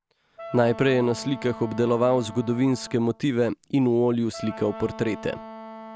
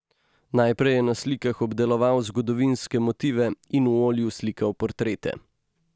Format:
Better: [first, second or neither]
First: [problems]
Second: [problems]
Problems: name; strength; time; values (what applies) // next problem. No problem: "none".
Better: second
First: background sound (Wind instrument, woodwind instrument); 16 dB below the speech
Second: none